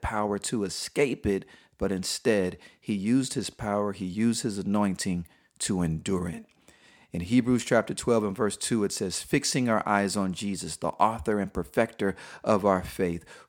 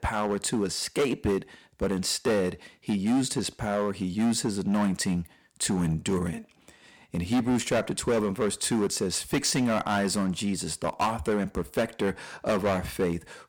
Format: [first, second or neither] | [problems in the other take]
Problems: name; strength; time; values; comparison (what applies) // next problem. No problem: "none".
first | distortion; heavy; 8% of the sound clipped